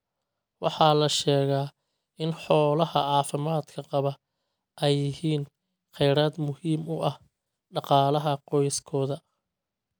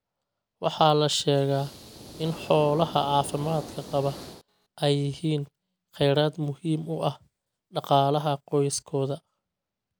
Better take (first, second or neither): first